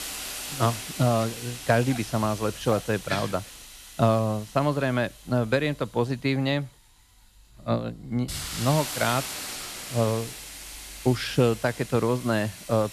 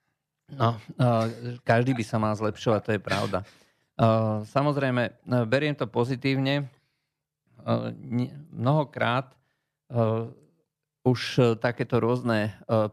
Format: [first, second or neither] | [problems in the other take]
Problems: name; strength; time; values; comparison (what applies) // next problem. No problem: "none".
second | hiss; loud; throughout; 10 dB below the speech